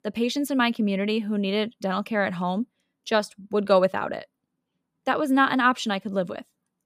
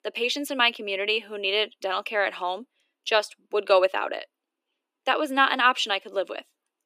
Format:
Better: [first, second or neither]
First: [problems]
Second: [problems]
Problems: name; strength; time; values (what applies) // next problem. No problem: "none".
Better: first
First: none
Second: thin; somewhat; fading below 300 Hz